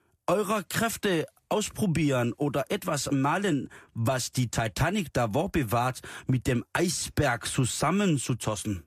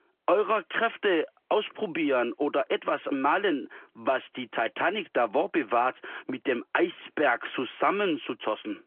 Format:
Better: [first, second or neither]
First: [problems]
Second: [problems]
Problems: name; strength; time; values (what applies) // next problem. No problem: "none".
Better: first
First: none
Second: phone-call audio; nothing above 3.5 kHz